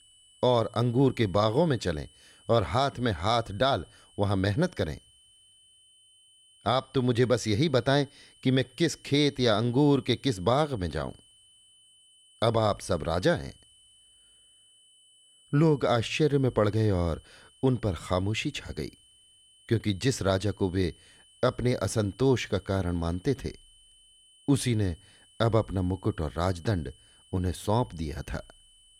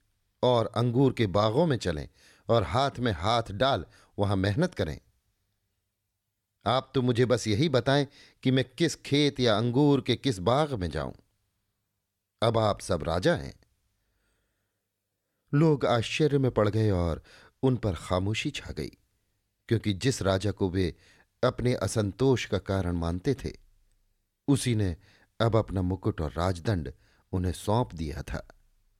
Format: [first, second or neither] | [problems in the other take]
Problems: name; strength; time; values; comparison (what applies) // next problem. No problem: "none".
second | high-pitched whine; faint; throughout; 3 kHz, 30 dB below the speech